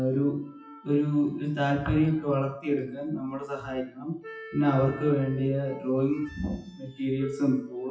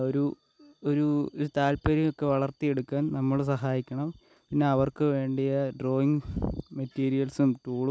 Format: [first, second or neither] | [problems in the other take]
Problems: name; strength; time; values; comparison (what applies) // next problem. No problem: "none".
second | noise reduction (classical method WPE with log-MMSE)